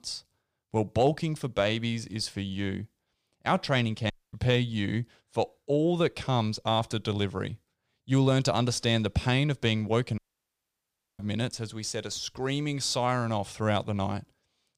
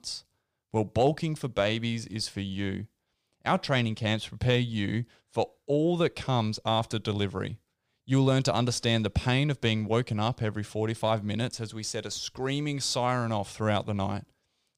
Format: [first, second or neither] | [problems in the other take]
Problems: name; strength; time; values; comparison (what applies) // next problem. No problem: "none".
second | audio cutting out; at 4 s and at 10 s for 1 s